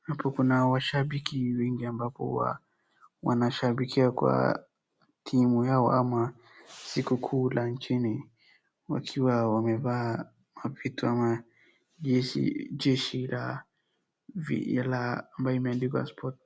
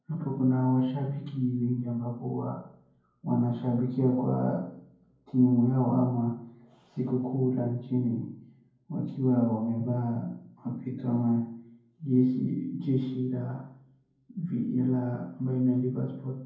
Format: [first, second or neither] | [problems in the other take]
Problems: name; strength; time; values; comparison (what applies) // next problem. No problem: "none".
first | room echo; dies away in 0.9 s